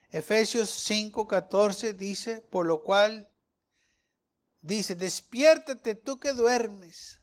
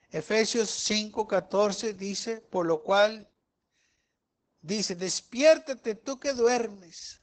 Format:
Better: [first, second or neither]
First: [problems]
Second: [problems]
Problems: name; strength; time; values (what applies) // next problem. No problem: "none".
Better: first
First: garbled, watery; slightly; nothing above 16.5 kHz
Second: garbled, watery; badly; nothing above 8 kHz